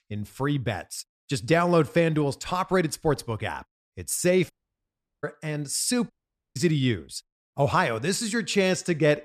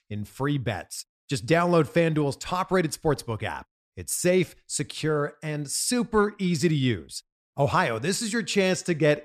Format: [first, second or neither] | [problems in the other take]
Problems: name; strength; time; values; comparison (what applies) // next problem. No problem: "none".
second | audio cutting out; at 4.5 s for 0.5 s and at 6 s